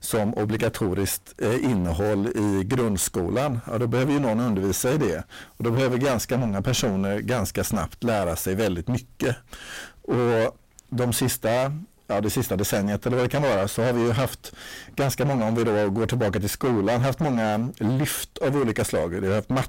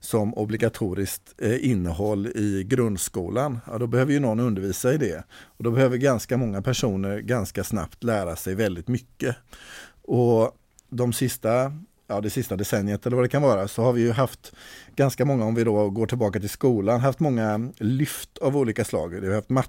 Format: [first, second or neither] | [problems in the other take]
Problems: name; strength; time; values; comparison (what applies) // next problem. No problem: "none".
second | distortion; heavy; 23% of the sound clipped